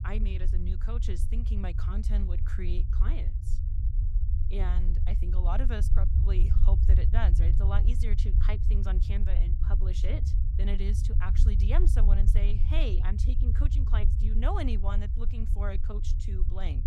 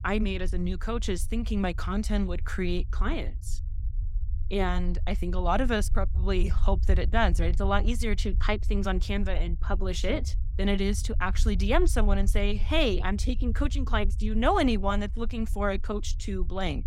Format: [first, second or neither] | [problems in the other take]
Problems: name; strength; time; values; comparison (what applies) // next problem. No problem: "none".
second | low rumble; loud; throughout; 5 dB below the speech; faint in the second